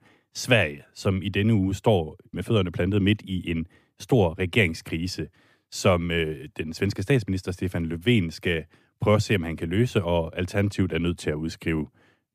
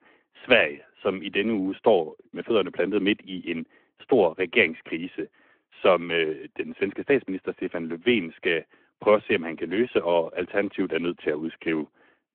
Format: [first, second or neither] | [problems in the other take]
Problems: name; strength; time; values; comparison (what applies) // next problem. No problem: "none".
first | phone-call audio